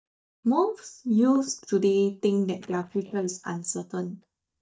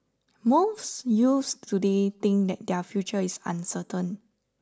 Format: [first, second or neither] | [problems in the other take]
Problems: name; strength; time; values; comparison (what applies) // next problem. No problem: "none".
second | noise reduction (neural mask model DeepFilterNet 3)